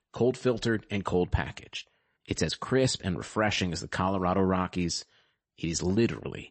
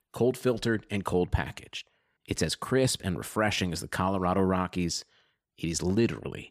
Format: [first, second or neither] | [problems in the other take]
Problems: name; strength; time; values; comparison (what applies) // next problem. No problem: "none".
second | garbled, watery; slightly; nothing above 8 kHz